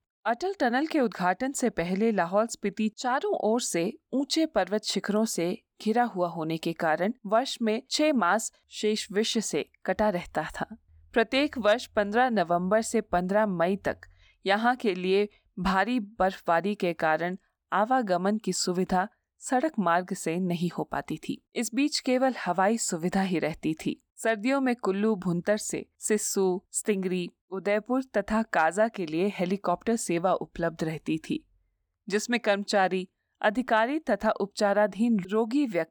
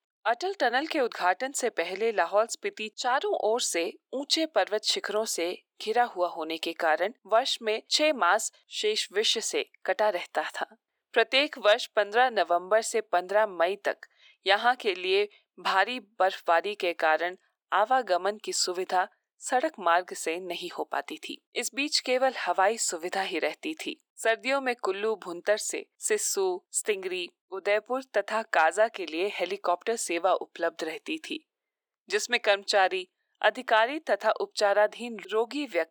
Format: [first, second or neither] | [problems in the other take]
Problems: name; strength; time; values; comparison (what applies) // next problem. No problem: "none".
first | thin; very; fading below 350 Hz